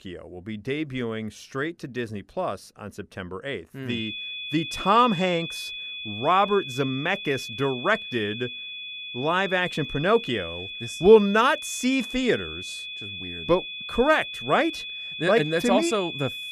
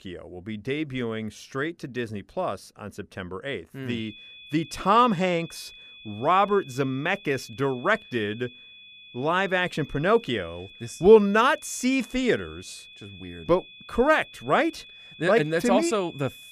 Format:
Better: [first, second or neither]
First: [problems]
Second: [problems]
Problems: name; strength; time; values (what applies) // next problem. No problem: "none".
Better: second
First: high-pitched whine; loud; from 4 s on; 3.5 kHz, 9 dB below the speech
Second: high-pitched whine; faint; from 4 s on; 3.5 kHz, 20 dB below the speech